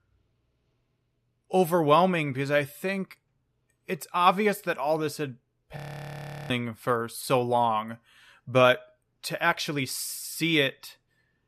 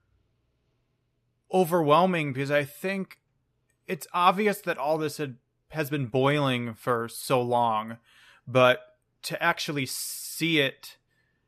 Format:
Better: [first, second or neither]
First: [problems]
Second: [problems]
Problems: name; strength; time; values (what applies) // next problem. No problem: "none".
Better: second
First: audio freezing; at 6 s for 0.5 s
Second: none